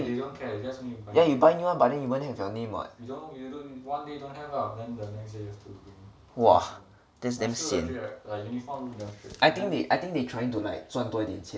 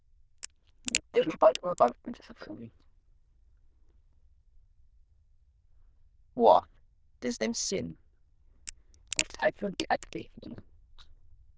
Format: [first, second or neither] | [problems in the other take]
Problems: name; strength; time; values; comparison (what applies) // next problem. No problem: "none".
first | noise reduction (neural diffusion model UNIVERSE++)